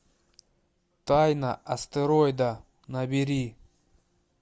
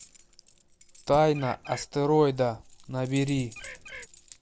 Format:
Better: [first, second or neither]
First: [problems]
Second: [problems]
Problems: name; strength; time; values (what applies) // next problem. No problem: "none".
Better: first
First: none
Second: background sound (Bird + Keys jangling); 19 dB below the speech